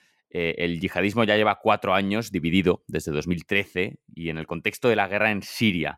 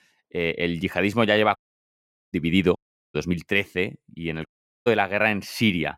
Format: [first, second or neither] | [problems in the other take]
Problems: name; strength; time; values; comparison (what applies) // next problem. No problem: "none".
first | audio cutting out; at 1.5 s for 1 s, at 3 s and at 4.5 s